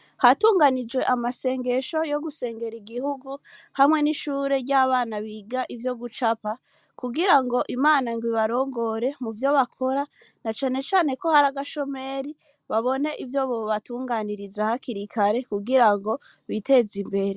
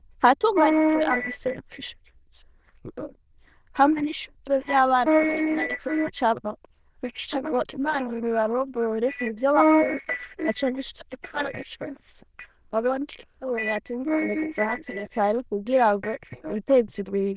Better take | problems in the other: first | noise reduction (neural diffusion model UNIVERSE++)

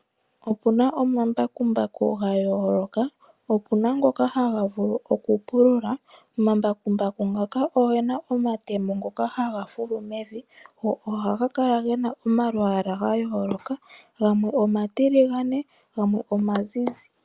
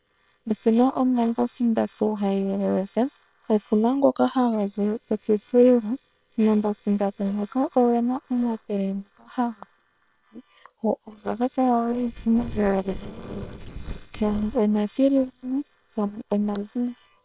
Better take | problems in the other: first | noise reduction (neural separator model SepFormer WHAM!)

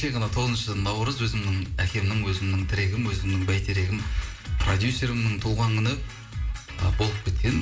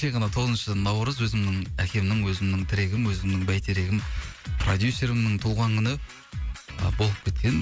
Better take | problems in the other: second | room echo; dies away in 1.8 s

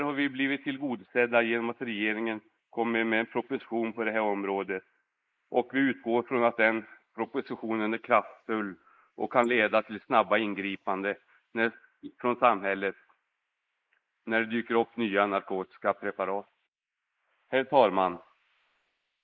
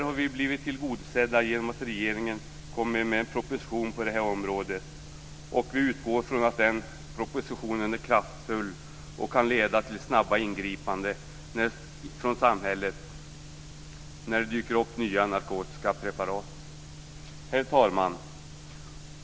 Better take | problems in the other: second | noise reduction (neural mask model Resemble Enhance denoiser)

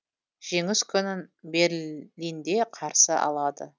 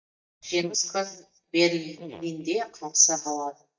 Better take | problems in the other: first | noise reduction (neural mask model DeepFilterNet 3)

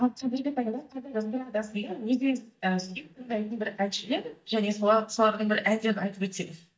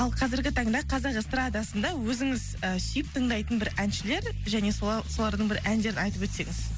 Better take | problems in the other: second | noise reduction (neural mask model DeepFilterNet 3)

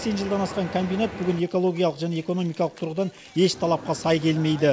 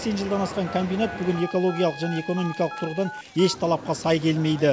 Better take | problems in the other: first | background sound (Telephone + Trumpet); 15 dB below the speech

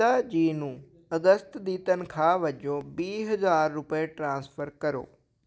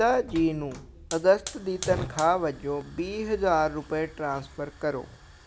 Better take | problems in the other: first | background sound (Hiss / Fire); 14 dB below the speech

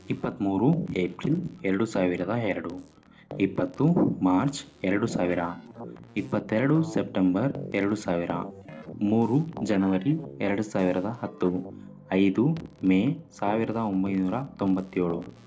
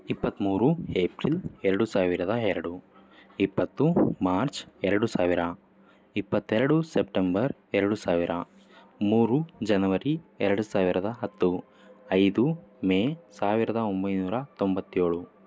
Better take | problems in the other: second | noise reduction (neural separator model SepFormer DNS4)

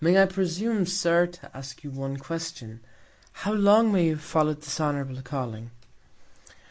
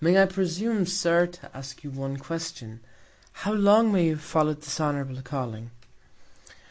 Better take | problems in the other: second | noise reduction (neural mask model Resemble Enhance denoiser)

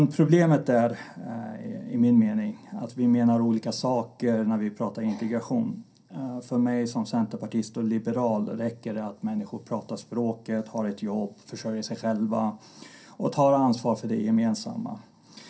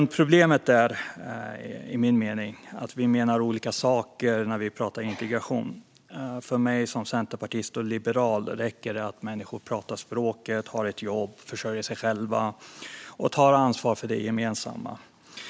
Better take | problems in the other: second | room echo; dies away in 0.3 s

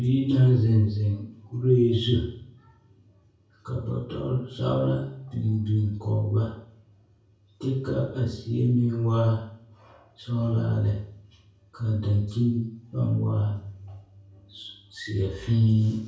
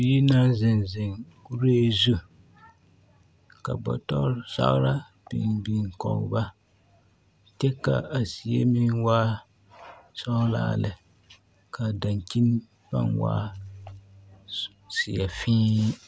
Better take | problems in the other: second | room echo; dies away in 0.6 s

